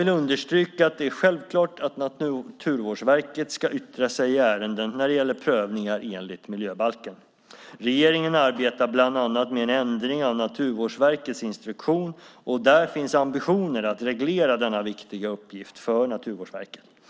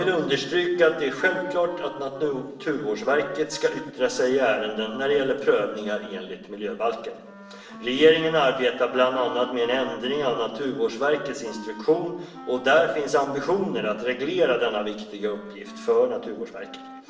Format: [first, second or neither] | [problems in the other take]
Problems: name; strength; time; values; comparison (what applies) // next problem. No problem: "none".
first | background sound (Wind instrument, woodwind instrument); 18 dB below the speech // room echo; dies away in 0.8 s